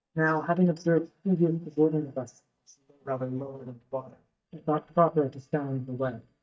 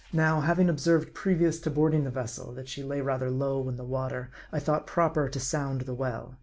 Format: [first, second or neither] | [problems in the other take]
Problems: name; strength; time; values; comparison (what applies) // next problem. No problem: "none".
second | noise reduction (neural mask model DeepFilterNet 3)